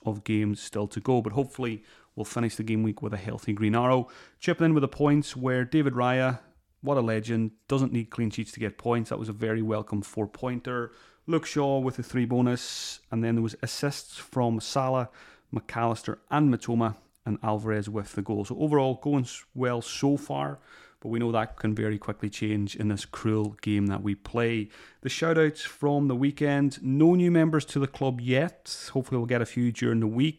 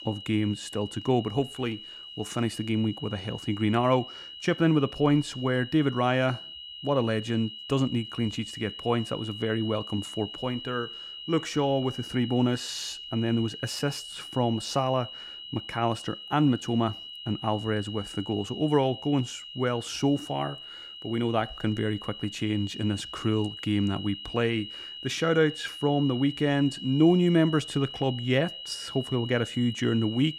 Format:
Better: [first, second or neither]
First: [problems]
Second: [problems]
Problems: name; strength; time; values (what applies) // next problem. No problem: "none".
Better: first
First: none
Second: high-pitched whine; noticeable; throughout; 3 kHz, 10 dB below the speech